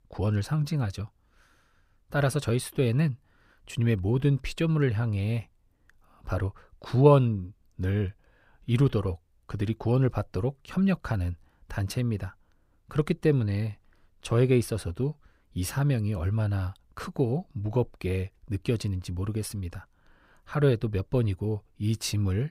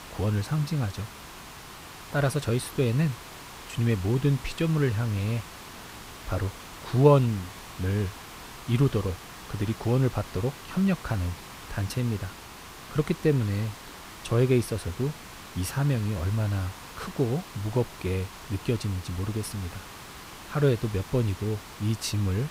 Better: first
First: none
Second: hiss; noticeable; throughout; 15 dB below the speech

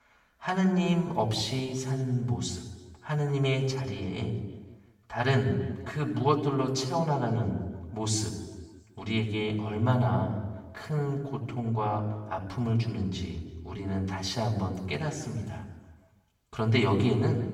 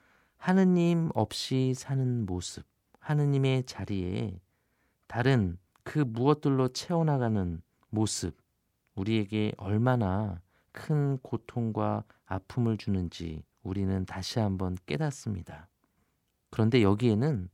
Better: second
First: room echo; noticeable; dies away in 1.1 s // off-mic speech; far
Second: none

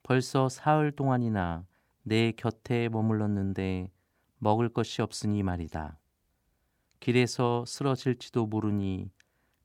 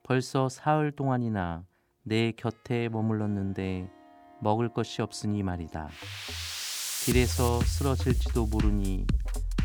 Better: first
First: none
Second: background music; loud; throughout; 1 dB below the speech

